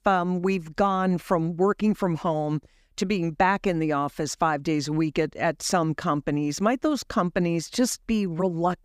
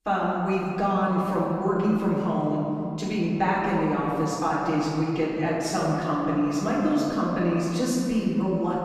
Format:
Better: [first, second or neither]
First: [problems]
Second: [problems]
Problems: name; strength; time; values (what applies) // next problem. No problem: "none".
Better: first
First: none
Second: room echo; strong; dies away in 2.6 s // off-mic speech; far